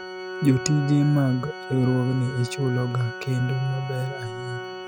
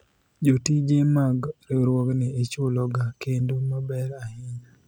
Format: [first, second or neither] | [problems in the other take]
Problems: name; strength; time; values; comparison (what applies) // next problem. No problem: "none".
second | background sound (Organ); 11 dB below the speech